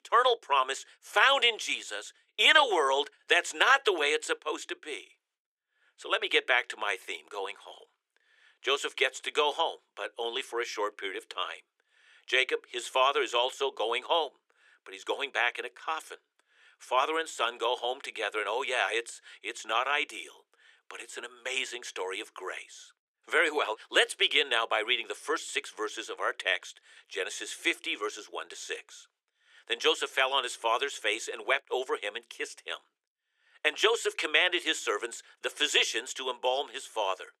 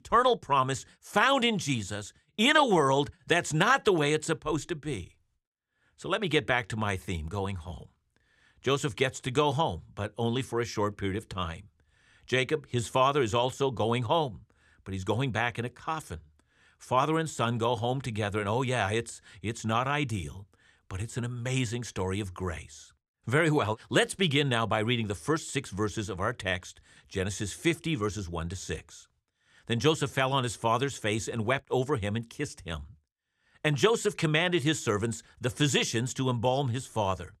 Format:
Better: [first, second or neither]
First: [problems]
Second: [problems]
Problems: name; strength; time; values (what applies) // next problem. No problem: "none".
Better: second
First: thin; very; fading below 400 Hz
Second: none